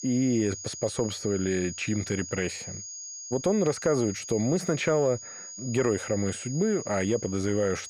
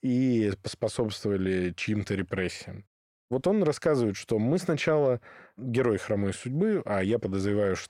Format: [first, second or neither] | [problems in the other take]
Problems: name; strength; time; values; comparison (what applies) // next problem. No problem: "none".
second | high-pitched whine; loud; throughout; 6.5 kHz, 10 dB below the speech